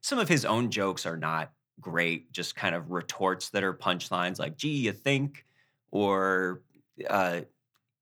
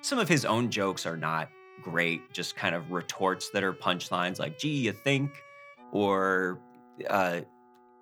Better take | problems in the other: first | background music; faint; throughout; 25 dB below the speech

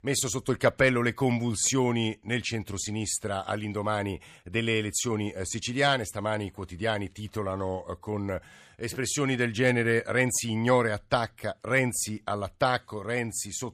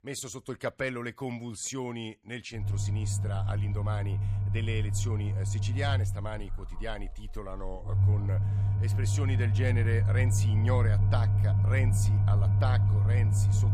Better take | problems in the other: first | low rumble; loud; from 2.5 s on; 4 dB below the speech

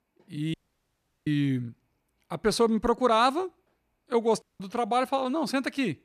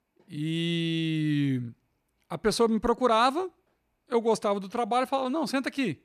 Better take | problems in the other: second | audio cutting out; at 0.5 s for 0.5 s and at 4.5 s

